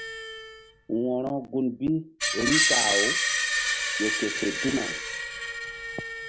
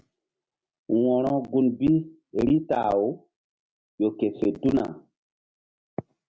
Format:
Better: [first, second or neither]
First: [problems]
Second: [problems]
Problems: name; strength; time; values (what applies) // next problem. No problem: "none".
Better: second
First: background sound (Screech); 2 dB above the speech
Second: none